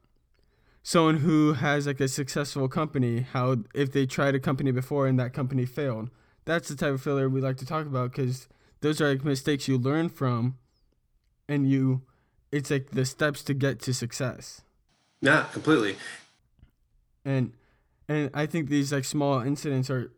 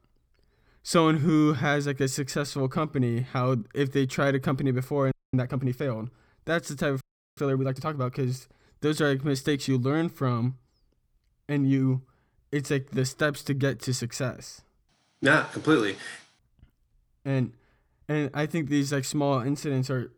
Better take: first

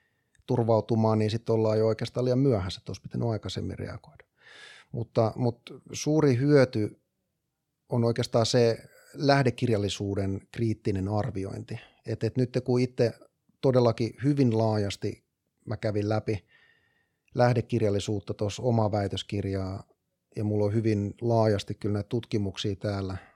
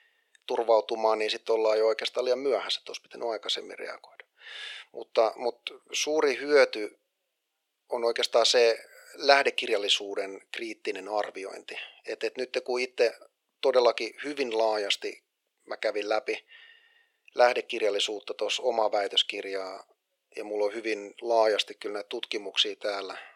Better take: first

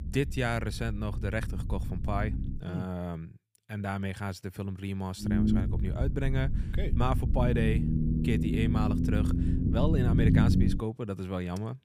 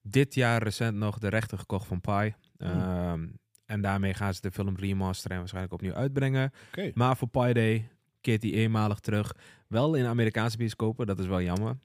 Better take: second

